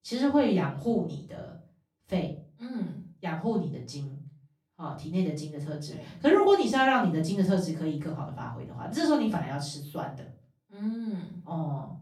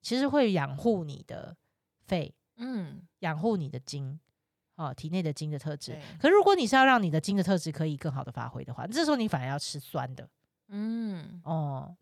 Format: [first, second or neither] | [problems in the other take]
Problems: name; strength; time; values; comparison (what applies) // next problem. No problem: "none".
second | off-mic speech; far // room echo; slight; dies away in 0.3 s